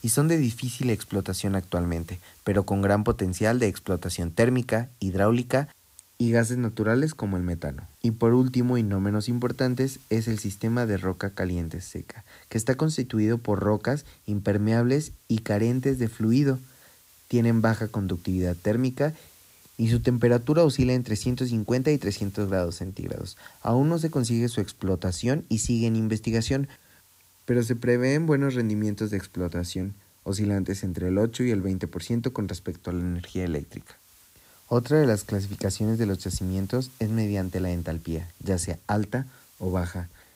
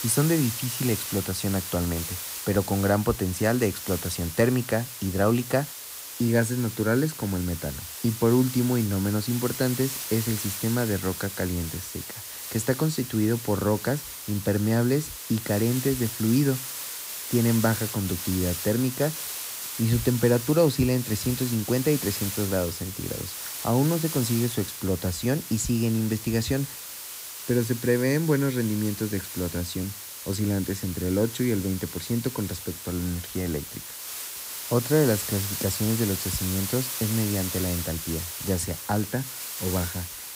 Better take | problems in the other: first | hiss; loud; throughout; 6 dB below the speech; faint in the first

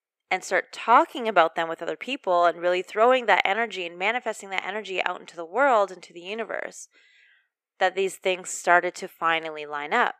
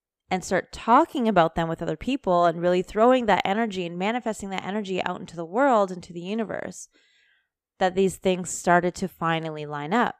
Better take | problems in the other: second | thin; somewhat; fading below 450 Hz

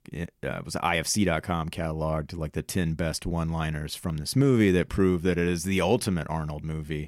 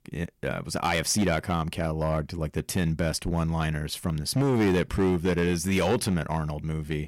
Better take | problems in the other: first | distortion; slight; 6% of the sound clipped

